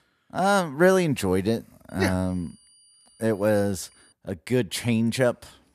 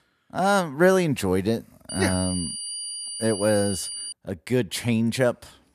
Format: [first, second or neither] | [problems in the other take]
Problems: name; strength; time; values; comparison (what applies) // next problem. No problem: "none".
first | high-pitched whine; loud; from 2 to 4 s; 9.5 kHz, 7 dB below the speech; faint in the first